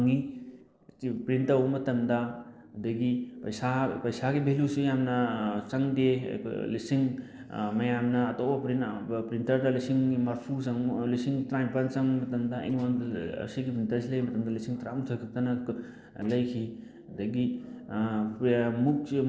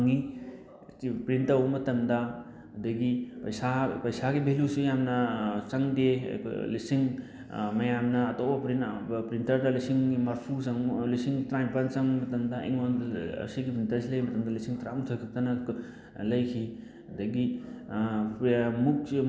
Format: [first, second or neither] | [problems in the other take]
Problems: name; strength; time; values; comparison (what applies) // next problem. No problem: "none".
second | noise reduction (neural separator model SepFormer DNS4)